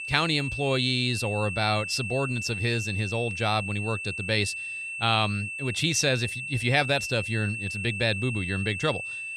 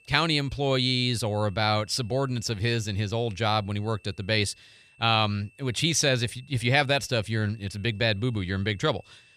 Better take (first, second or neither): second